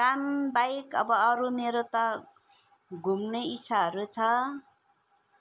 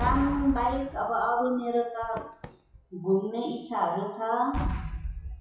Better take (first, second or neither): first